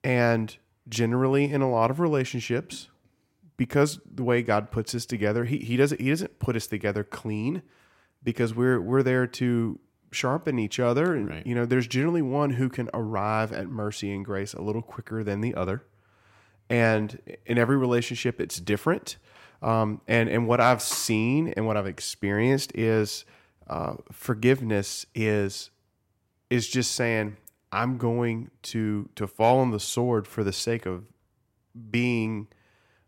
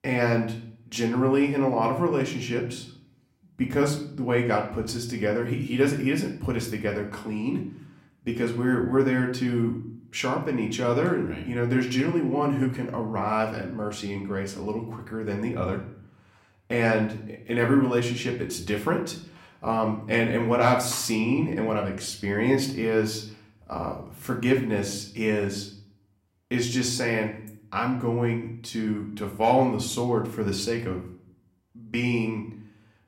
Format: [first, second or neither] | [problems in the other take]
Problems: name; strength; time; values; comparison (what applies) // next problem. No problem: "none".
first | room echo; slight; dies away in 0.5 s // off-mic speech; somewhat distant